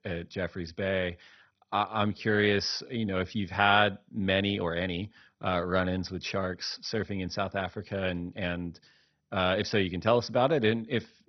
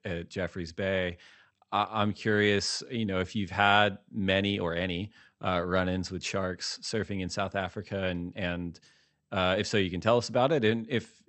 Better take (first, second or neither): second